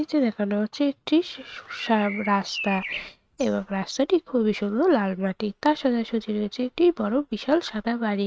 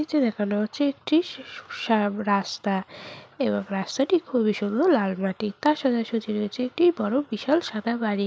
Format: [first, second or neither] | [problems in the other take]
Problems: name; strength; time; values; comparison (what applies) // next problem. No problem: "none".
second | noise reduction (neural mask model RNNoise)